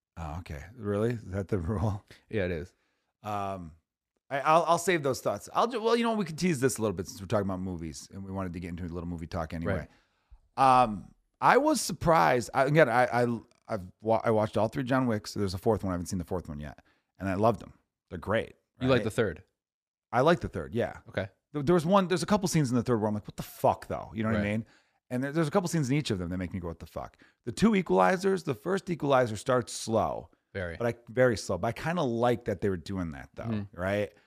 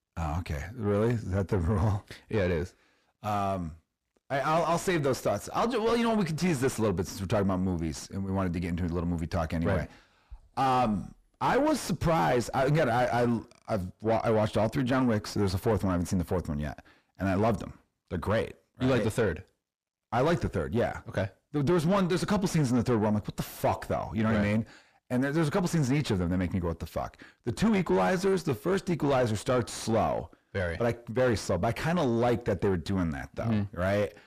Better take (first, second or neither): first